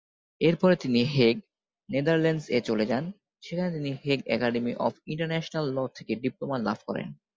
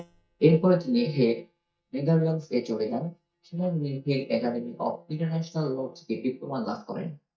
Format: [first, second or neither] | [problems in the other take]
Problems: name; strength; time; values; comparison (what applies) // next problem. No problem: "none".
first | noise reduction (neural mask model DeepFilterNet 3)